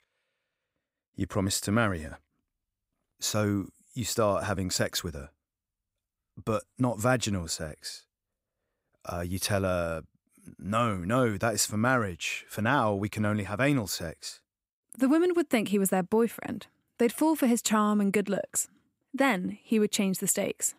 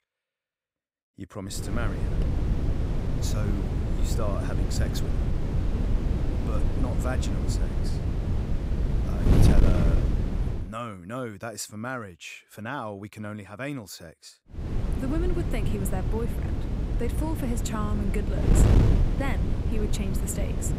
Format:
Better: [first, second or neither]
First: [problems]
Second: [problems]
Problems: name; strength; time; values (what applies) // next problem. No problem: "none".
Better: first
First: none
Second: wind noise on the microphone; heavy; from 1.5 to 11 s and from 15 s on; 1 dB below the speech